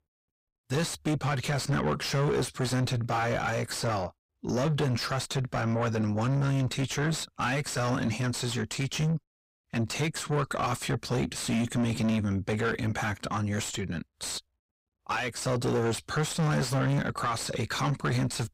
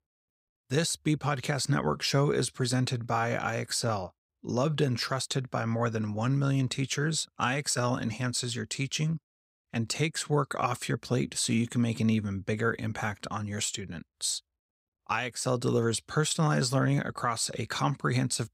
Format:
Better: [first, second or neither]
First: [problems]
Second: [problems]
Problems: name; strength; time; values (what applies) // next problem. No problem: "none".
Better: second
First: distortion; heavy; 6 dB below the speech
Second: none